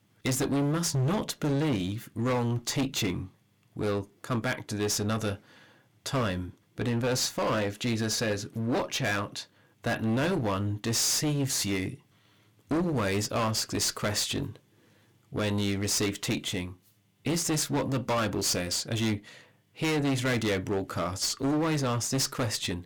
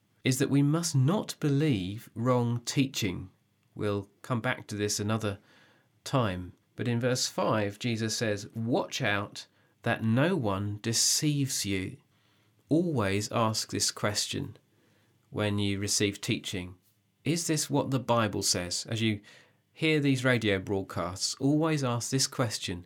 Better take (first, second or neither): second